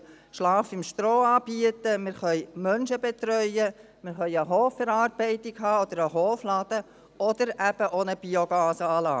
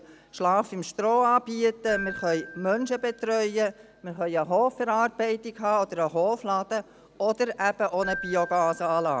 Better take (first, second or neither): first